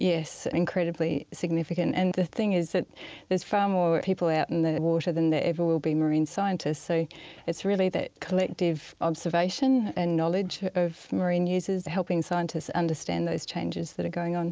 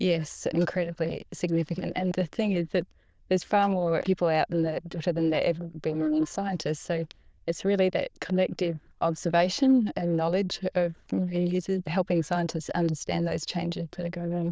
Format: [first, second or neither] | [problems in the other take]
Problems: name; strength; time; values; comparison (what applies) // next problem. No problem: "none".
first | noise reduction (neural diffusion model UNIVERSE++)